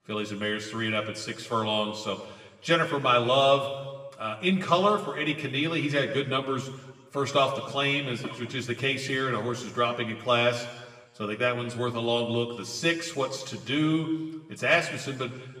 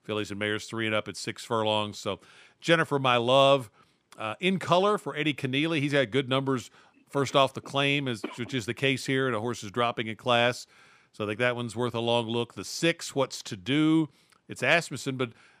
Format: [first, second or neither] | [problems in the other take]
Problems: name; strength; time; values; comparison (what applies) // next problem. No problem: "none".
second | room echo; slight; dies away in 1.3 s // off-mic speech; somewhat distant